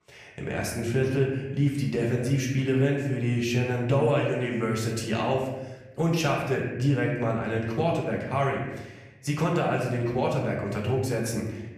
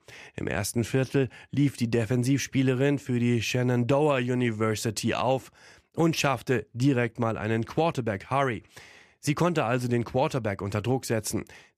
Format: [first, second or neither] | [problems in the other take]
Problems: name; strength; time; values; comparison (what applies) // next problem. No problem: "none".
second | room echo; noticeable; dies away in 1 s // off-mic speech; far